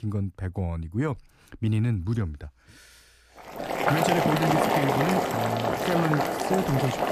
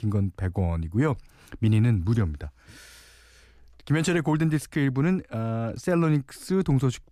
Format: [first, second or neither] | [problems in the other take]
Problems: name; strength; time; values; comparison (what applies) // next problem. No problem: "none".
second | household noises; very loud; from 3.5 s on; 3 dB above the speech